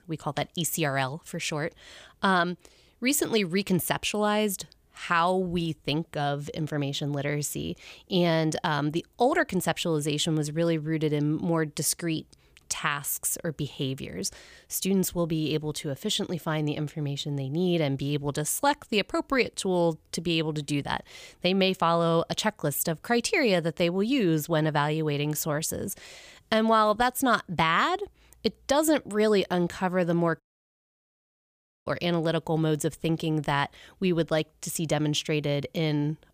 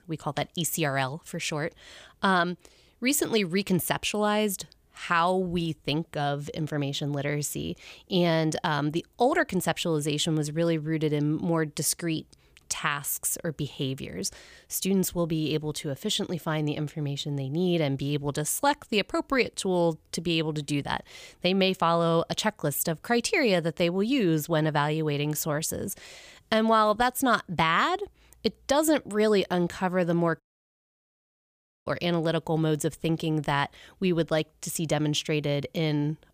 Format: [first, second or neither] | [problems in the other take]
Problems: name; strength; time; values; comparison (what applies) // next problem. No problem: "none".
neither | audio cutting out; at 30 s for 1.5 s; the same in both